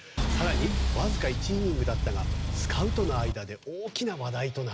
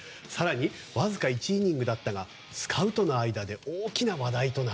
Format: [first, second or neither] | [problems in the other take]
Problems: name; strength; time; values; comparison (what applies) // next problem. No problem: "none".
second | background sound (Engine); 4 dB above the speech